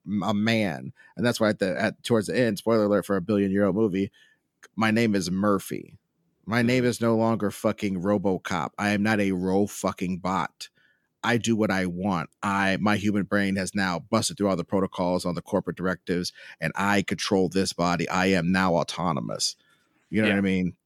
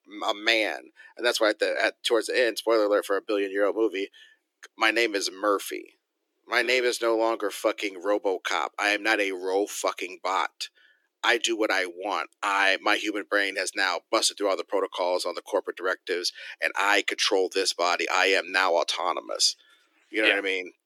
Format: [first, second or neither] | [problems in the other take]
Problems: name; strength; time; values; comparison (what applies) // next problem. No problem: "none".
first | thin; very; fading below 300 Hz